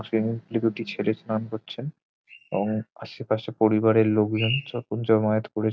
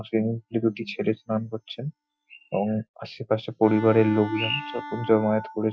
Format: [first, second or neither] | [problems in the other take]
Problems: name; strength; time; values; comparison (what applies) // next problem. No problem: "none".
first | noise reduction (classical method Wiener filter)